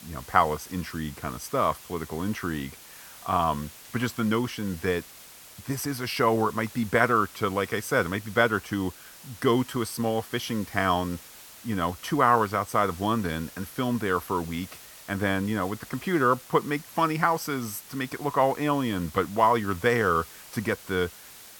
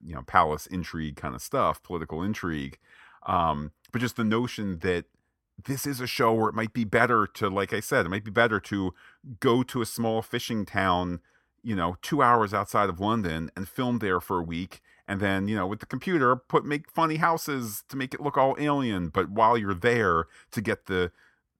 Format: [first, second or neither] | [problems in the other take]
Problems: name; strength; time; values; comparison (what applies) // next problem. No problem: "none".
second | hiss; noticeable; throughout; 20 dB below the speech